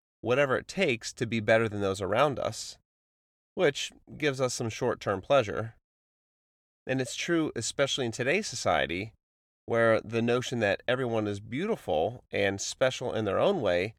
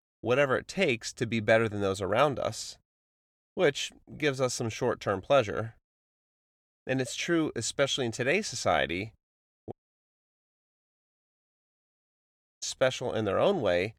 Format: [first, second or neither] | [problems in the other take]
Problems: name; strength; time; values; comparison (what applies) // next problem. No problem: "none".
first | audio cutting out; at 9.5 s for 3 s